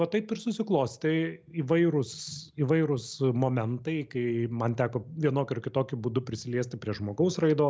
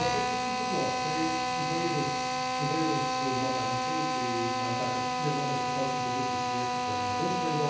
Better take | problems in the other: first | background sound (Drill); 5 dB above the speech // room echo; dies away in 0.9 s

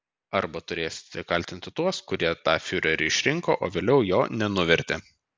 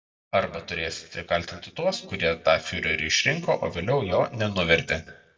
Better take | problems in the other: first | noise reduction (neural mask model DeepFilterNet 3)

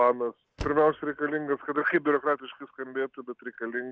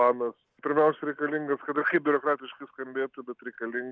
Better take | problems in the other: second | background sound (Slam); 17 dB below the speech

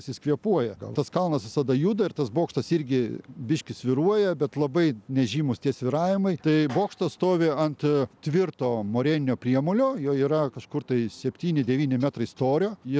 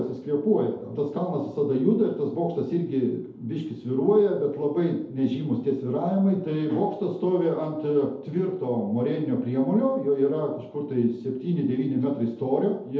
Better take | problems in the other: first | room echo; dies away in 2.1 s

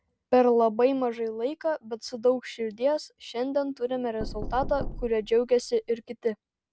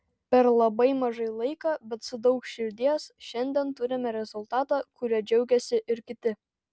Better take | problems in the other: second | background sound (Knock); 10 dB below the speech

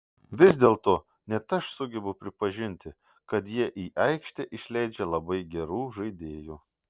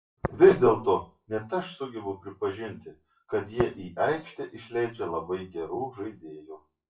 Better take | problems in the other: first | noise reduction (classical method WPE with log-MMSE)

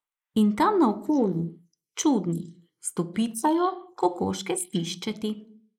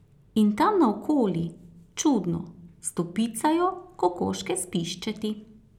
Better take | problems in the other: second | noise reduction (neural mask model Resemble Enhance denoiser)

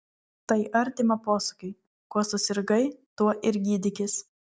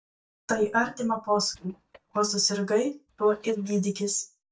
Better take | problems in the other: first | noise reduction (neural mask model DeepFilterNet 3)

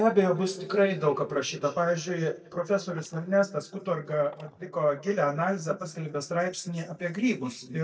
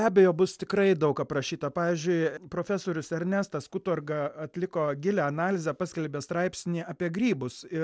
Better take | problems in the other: second | noise reduction (neural mask model DeepFilterNet 3)

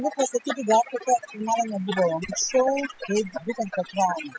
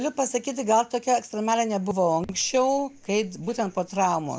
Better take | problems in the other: second | noise reduction (classical method spectral subtraction)

